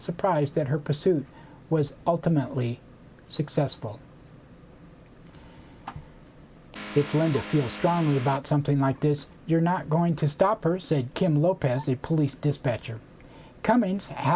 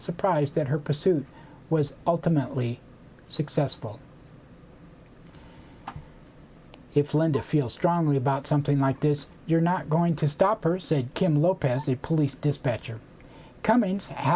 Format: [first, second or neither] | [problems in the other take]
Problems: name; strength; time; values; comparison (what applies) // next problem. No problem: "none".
second | background sound (Vehicle); 12 dB below the speech